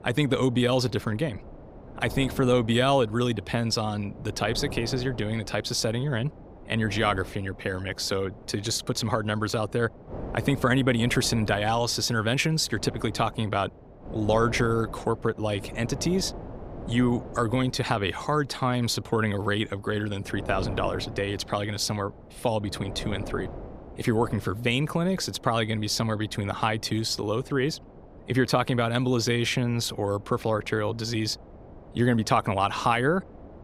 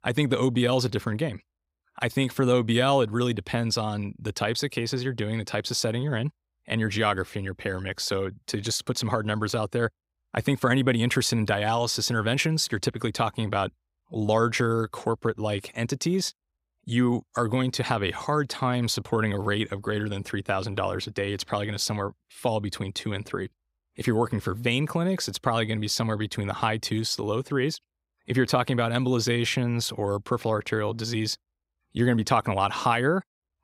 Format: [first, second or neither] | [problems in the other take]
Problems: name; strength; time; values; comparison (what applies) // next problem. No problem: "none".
second | wind noise on the microphone; occasional gusts; 20 dB below the speech